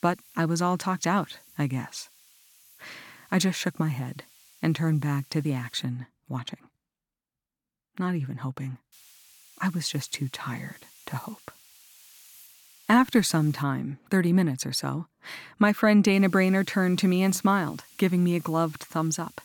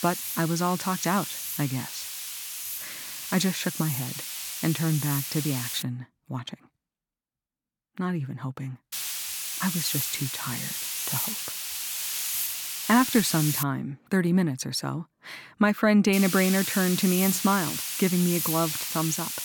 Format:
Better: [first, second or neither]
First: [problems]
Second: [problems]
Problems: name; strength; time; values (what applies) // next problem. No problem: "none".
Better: first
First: hiss; faint; until 6 s, from 9 to 14 s and from 16 s on; 25 dB below the speech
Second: hiss; loud; until 6 s, from 9 to 14 s and from 16 s on; 3 dB below the speech